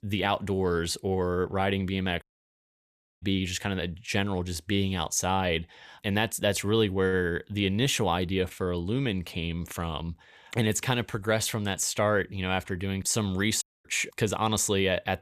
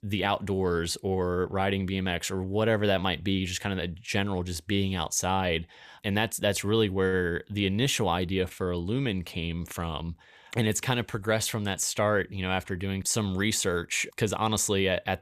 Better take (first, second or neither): second